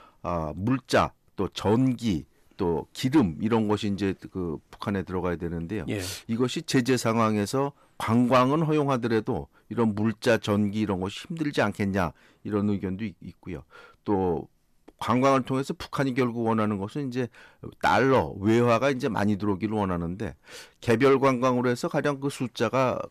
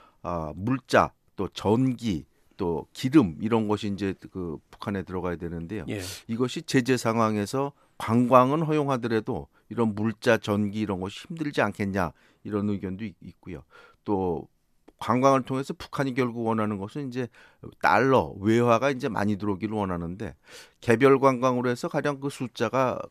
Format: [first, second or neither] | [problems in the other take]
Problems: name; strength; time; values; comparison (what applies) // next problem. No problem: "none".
second | distortion; slight; 10 dB below the speech